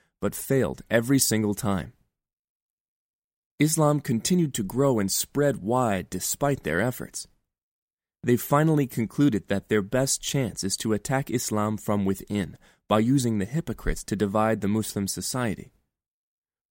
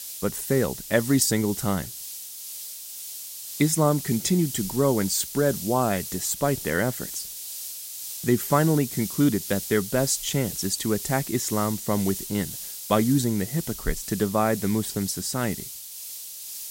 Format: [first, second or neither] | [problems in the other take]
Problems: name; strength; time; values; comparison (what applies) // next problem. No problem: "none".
first | hiss; loud; throughout; 9 dB below the speech